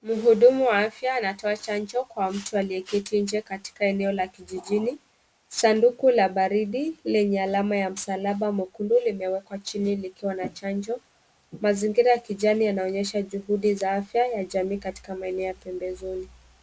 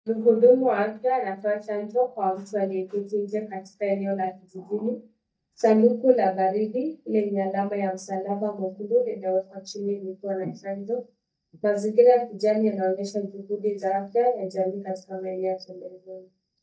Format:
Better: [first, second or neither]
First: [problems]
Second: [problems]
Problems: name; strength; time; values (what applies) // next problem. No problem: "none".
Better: first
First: none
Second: noise reduction (neural mask model DeepFilterNet 3)